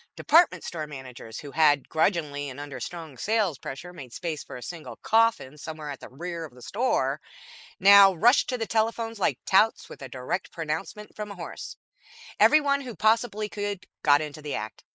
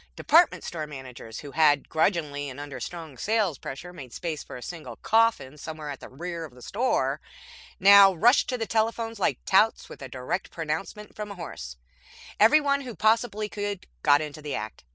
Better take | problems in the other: second | noise reduction (neural mask model Resemble Enhance denoiser)

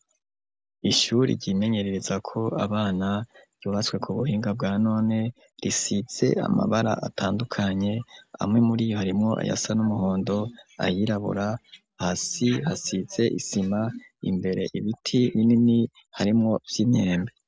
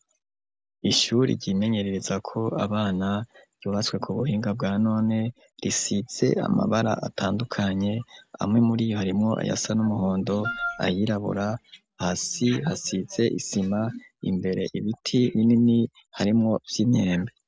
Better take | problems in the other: first | background sound (Wind instrument, woodwind instrument); 7 dB below the speech

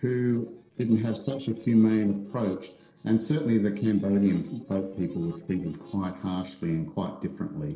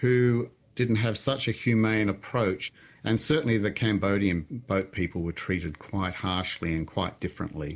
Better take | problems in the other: second | noise reduction (neural separator model SepFormer DNS4)

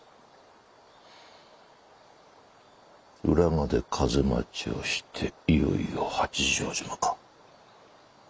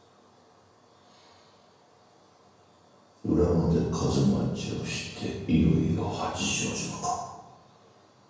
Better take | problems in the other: first | room echo; dies away in 1 s

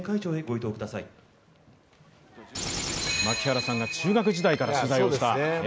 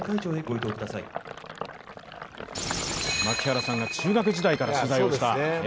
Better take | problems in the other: first | background sound (Sink (filling or washing)); 12 dB below the speech

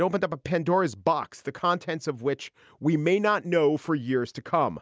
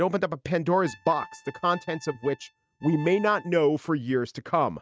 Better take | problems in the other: first | noise reduction (neural mask model RNNoise)

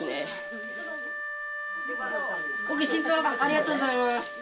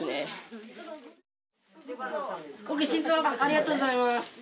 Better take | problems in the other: second | background sound (Wind instrument, woodwind instrument); 4 dB below the speech

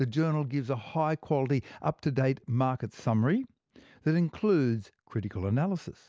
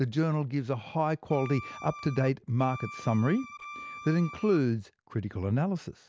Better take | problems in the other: first | background sound (Bowed string instrument); 14 dB below the speech

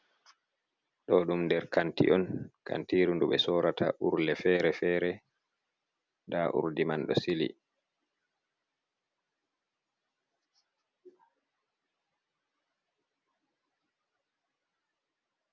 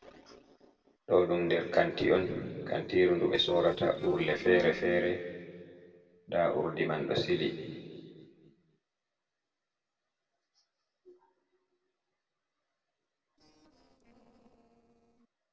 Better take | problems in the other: first | noise reduction (neural separator model SepFormer DNS4)

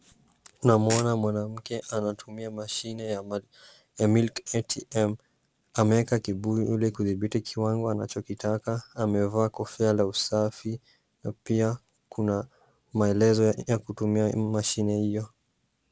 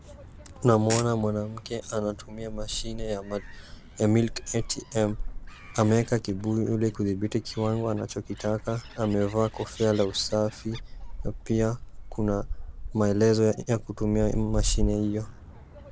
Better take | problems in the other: first | background sound (Gull, seagull); 9 dB below the speech

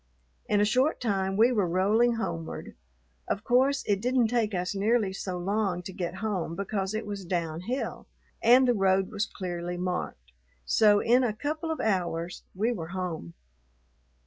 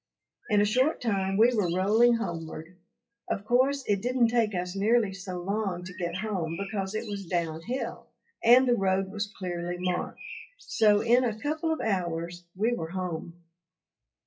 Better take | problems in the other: first | noise reduction (classical method WPE with log-MMSE)

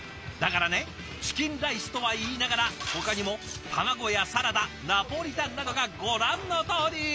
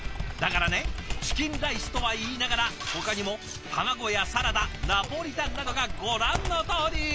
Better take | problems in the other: first | background sound (Computer keyboard); 5 dB below the speech

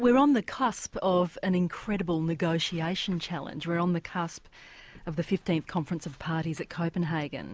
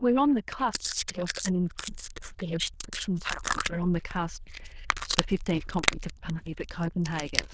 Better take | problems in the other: first | noise reduction (neural diffusion model UNIVERSE++)

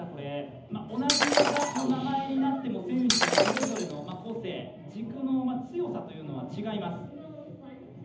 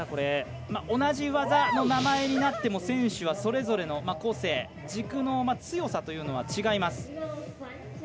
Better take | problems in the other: second | background sound (Shatter); 3 dB above the speech // room echo; dies away in 0.8 s

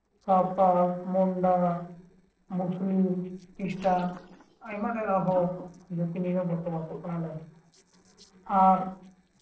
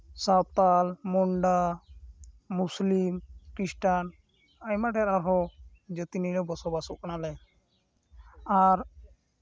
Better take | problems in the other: second | noise reduction (neural separator model SepFormer DNS4)

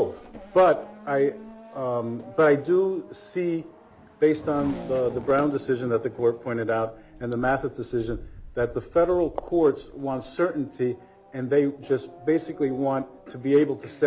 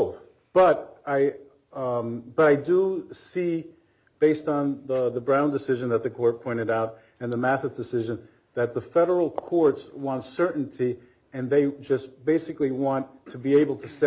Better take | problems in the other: second | background sound (Fireworks + Race car, auto racing / Accelerating, revving, vroom); 19 dB below the speech

